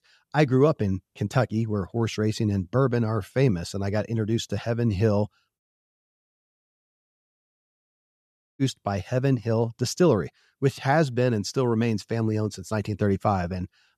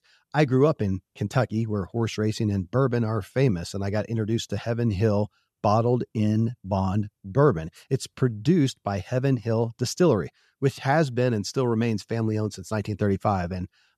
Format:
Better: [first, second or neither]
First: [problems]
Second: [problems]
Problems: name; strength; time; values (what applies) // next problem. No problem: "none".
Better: second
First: audio cutting out; at 5.5 s for 3 s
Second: none